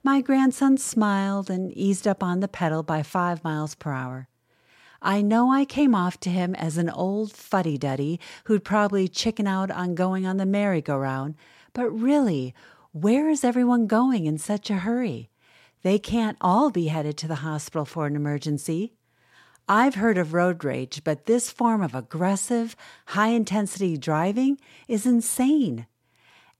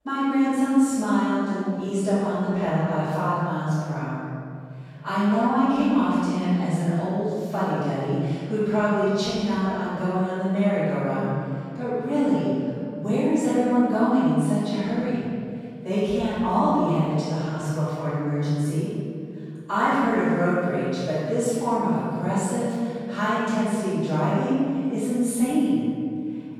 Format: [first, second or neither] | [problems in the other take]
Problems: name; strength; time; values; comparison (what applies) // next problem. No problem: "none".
first | off-mic speech; far // room echo; strong; dies away in 2.3 s